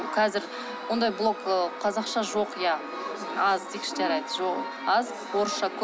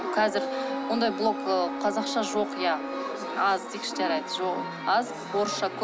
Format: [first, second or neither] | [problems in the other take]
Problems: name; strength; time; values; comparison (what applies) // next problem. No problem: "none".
first | background sound (Dog); 8 dB below the speech